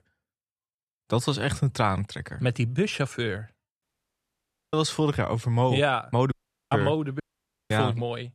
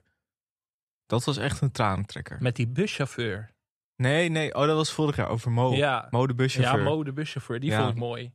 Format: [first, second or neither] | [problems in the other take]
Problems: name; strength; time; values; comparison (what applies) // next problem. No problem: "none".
second | audio cutting out; at 4 s for 1 s, at 6.5 s and at 7 s for 0.5 s